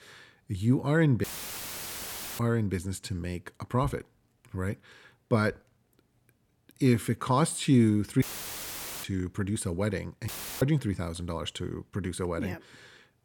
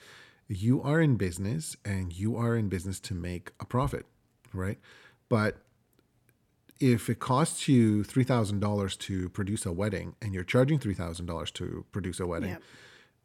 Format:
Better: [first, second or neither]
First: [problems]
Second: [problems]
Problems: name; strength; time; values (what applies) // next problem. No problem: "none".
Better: second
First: audio cutting out; filled with static; at 1 s for 1 s, at 8 s for 1 s and at 10 s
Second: none